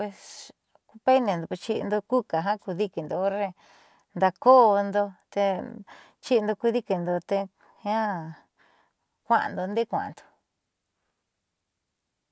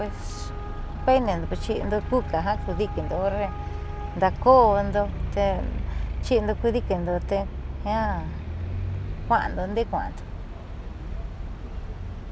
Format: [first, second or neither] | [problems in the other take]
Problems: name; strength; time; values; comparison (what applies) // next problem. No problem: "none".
first | background sound (Traffic noise, roadway noise); 4 dB below the speech